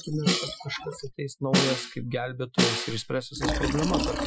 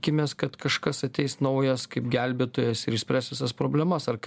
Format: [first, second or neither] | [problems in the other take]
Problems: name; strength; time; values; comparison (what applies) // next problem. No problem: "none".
second | noise reduction (classical method Wiener filter)